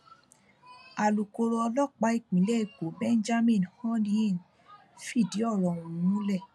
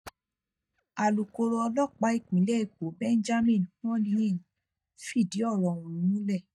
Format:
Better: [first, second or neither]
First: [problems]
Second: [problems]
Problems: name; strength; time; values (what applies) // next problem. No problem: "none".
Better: first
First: none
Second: noise reduction (neural mask model DeepFilterNet 3)